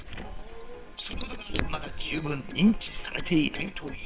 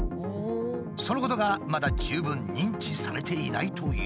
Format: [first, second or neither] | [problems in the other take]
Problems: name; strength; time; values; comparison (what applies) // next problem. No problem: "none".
second | noise reduction (neural separator model SepFormer WHAMR!)